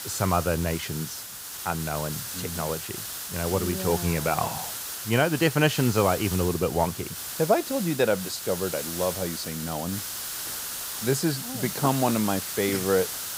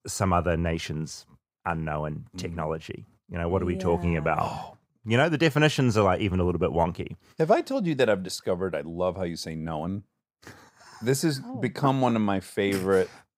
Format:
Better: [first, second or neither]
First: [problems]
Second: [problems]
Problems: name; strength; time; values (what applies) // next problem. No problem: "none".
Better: second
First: hiss; loud; throughout; 6 dB below the speech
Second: none